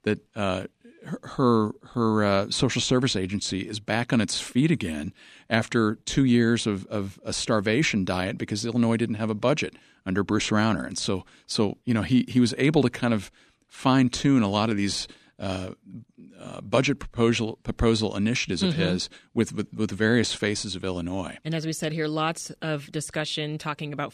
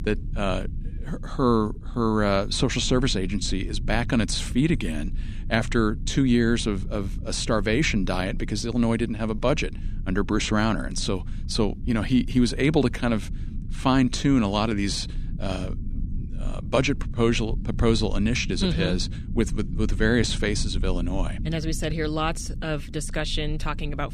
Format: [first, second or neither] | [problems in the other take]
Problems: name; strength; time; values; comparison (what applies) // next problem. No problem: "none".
first | low rumble; faint; throughout; 20 dB below the speech